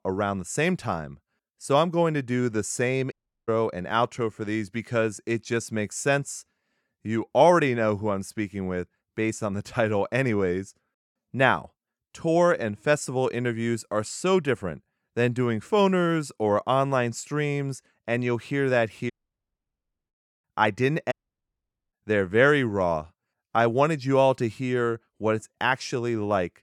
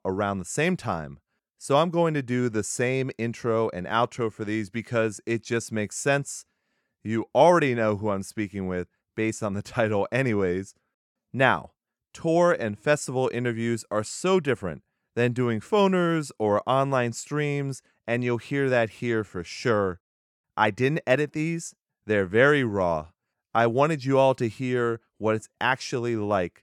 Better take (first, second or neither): second